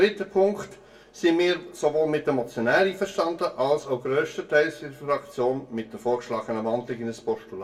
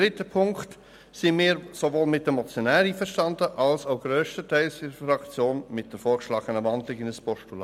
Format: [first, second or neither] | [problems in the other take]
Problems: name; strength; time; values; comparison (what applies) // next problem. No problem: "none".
second | room echo; dies away in 0.2 s